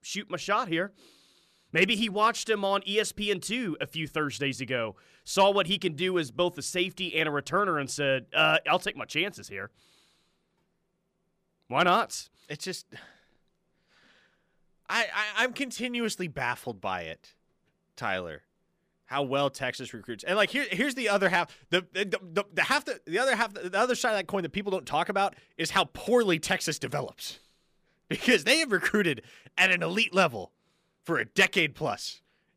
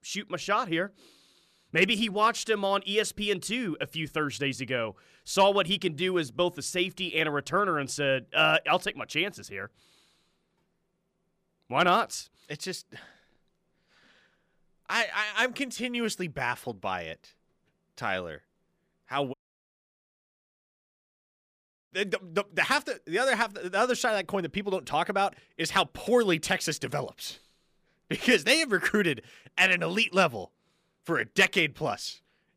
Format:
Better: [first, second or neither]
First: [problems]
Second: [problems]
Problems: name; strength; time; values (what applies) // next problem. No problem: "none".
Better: first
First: none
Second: audio cutting out; at 19 s for 2.5 s